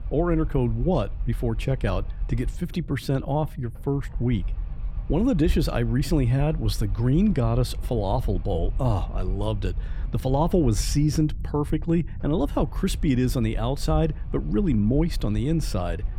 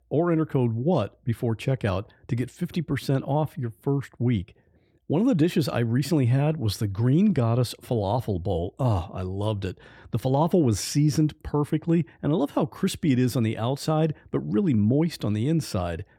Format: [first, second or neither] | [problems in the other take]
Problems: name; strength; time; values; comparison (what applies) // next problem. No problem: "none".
second | low rumble; faint; throughout; 20 dB below the speech